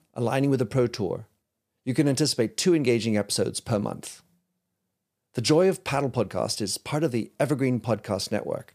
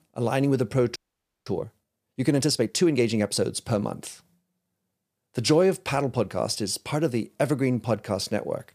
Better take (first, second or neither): first